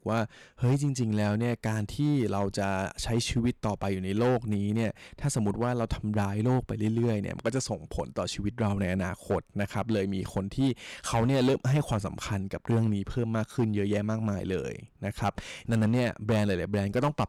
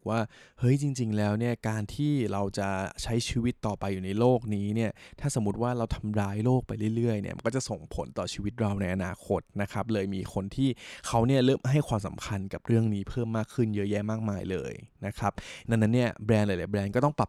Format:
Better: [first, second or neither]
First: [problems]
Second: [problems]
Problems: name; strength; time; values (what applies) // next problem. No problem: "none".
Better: second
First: distortion; slight; 5% of the sound clipped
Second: none